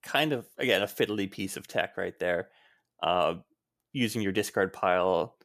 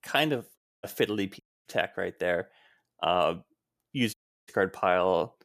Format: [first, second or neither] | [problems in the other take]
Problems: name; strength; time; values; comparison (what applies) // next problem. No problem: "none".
first | audio cutting out; at 0.5 s, at 1.5 s and at 4 s